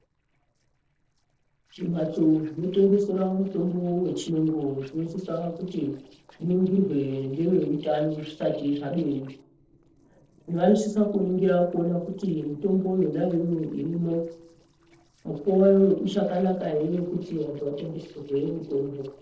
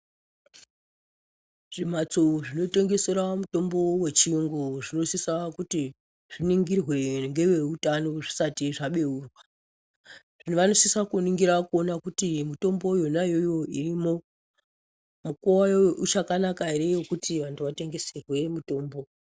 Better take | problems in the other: second | noise reduction (neural separator model SepFormer DNS4)

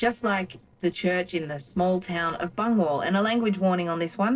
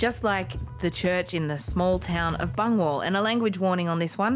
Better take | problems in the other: second | noise reduction (neural separator model SepFormer DNS4)

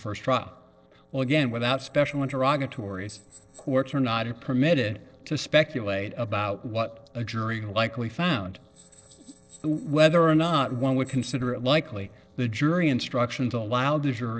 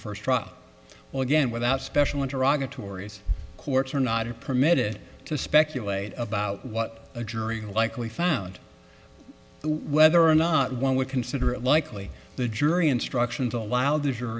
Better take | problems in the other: second | noise reduction (neural separator model SepFormer DNS4)

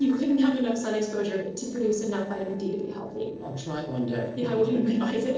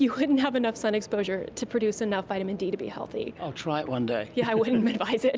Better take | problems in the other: second | noise reduction (neural separator model SepFormer DNS4)

